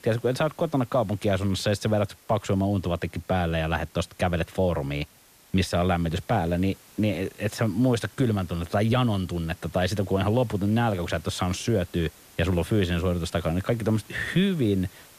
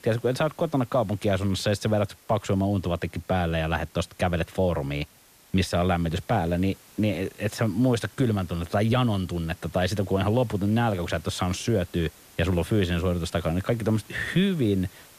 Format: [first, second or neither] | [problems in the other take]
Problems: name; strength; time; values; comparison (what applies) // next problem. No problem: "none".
neither | hiss; faint; throughout; 25 dB below the speech; the same in both